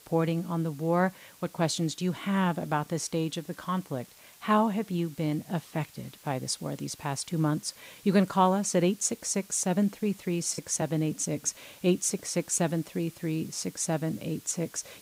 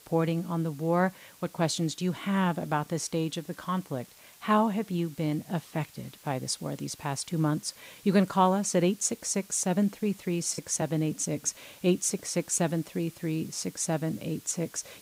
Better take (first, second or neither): neither